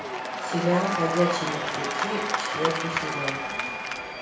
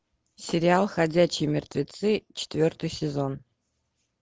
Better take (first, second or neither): second